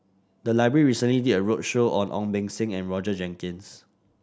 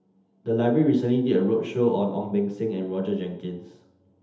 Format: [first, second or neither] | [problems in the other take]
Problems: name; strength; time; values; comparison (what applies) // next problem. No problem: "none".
first | room echo; dies away in 0.8 s